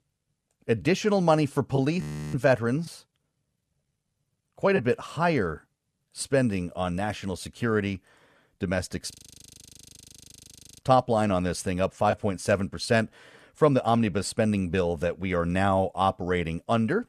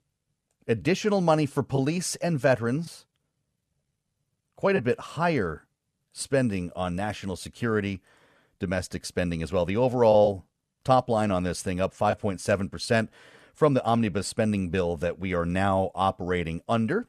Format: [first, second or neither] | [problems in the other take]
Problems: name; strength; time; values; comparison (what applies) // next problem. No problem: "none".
second | audio freezing; at 2 s and at 9 s for 1.5 s